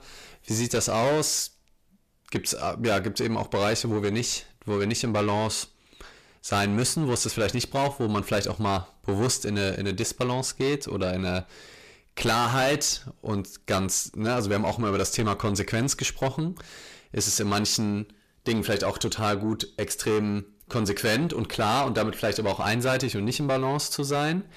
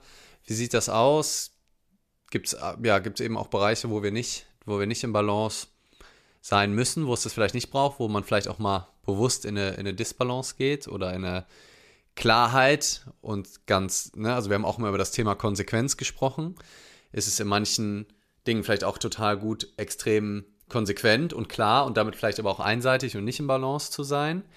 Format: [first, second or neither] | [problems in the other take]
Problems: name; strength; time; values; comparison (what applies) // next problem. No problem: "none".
second | distortion; heavy; 7 dB below the speech